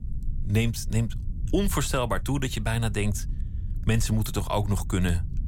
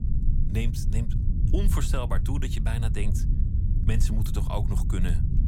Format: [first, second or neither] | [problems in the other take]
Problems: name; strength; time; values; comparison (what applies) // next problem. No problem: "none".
first | low rumble; loud; throughout; 6 dB below the speech; faint in the first